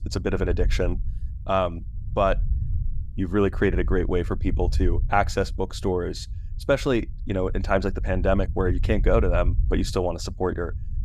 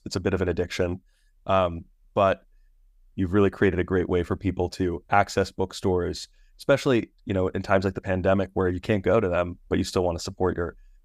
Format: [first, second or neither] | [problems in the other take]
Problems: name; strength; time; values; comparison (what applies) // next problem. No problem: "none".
second | low rumble; faint; throughout; 20 dB below the speech